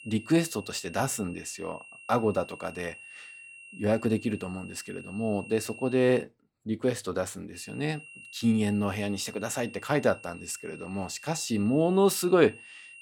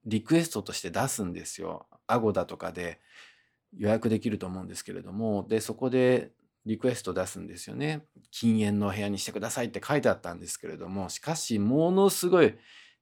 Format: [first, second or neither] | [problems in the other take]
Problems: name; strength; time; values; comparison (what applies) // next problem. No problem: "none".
second | high-pitched whine; noticeable; until 6 s and from 7.5 s on; 2.5 kHz, 15 dB below the speech